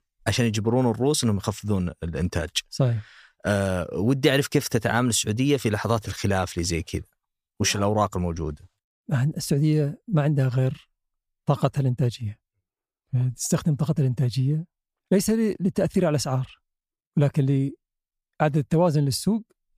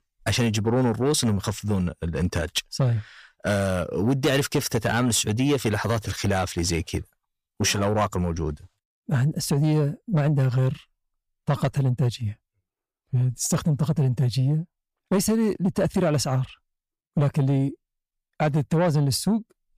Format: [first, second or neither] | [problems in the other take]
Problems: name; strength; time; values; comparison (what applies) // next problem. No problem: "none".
first | distortion; slight; 10 dB below the speech